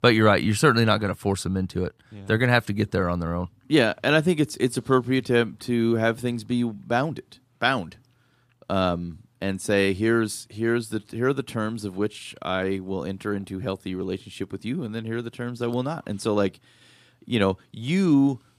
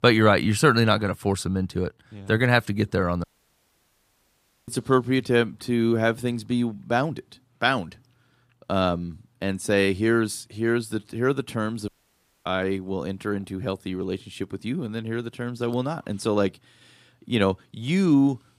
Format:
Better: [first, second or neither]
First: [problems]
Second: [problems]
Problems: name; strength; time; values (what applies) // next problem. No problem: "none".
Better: first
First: none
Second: audio cutting out; at 3 s for 1.5 s and at 12 s for 0.5 s